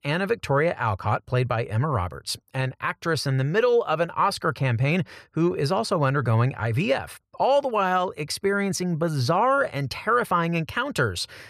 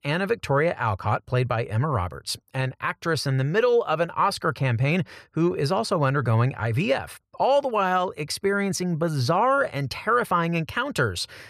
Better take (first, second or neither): neither